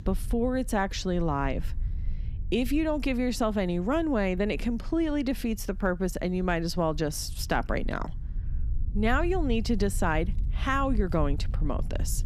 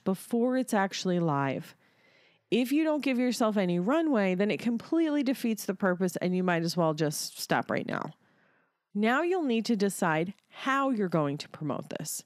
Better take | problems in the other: second | low rumble; faint; throughout; 25 dB below the speech

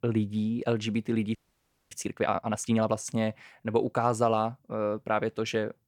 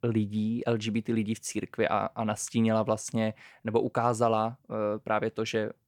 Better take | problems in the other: second | audio freezing; at 1.5 s for 0.5 s

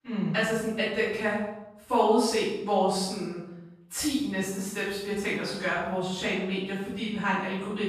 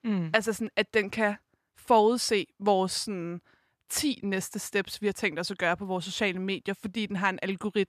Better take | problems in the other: second | room echo; strong; dies away in 0.8 s // off-mic speech; far

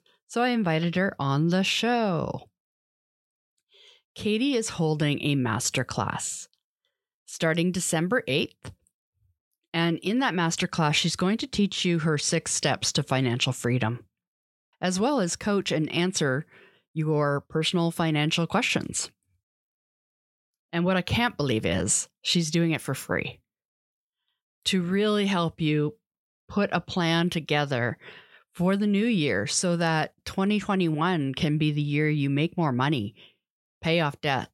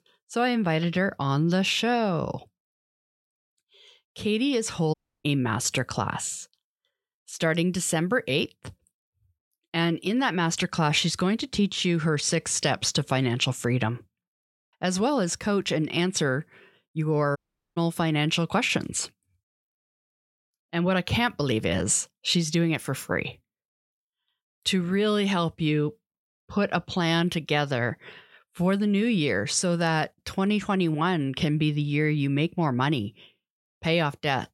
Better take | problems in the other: first | audio cutting out; at 5 s and at 17 s

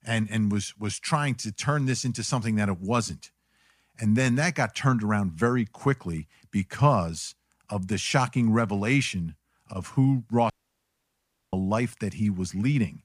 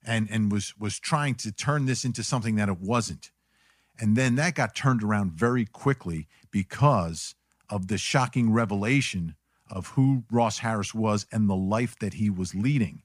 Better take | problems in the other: second | audio cutting out; at 11 s for 1 s

